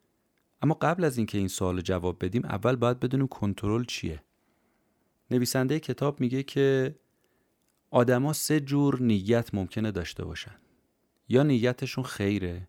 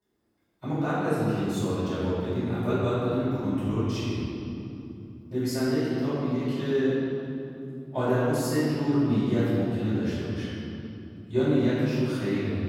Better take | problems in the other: first | off-mic speech; far // room echo; strong; dies away in 3 s

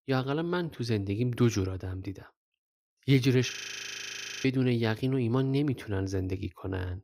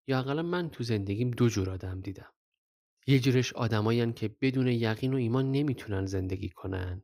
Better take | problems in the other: second | audio freezing; at 3.5 s for 1 s

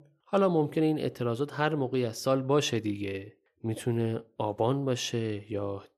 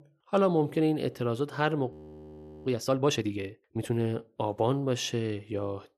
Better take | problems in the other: first | audio freezing; at 2 s for 0.5 s

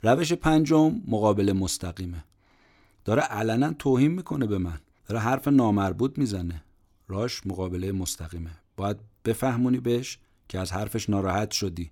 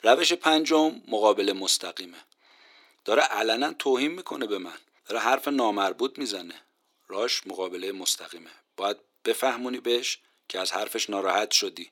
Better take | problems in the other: first | thin; somewhat; fading below 350 Hz

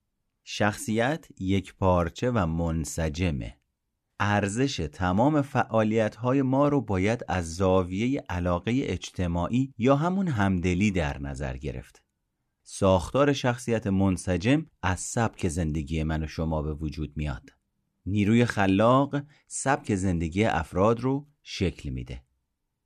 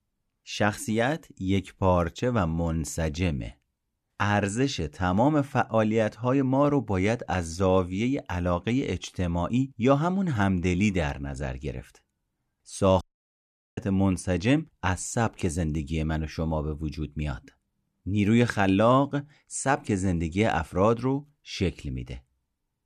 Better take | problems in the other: first | audio cutting out; at 13 s for 1 s

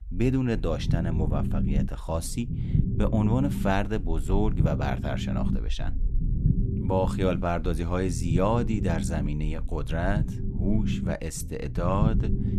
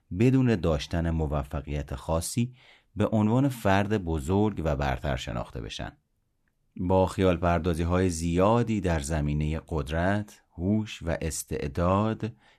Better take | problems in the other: second | low rumble; loud; throughout; 8 dB below the speech

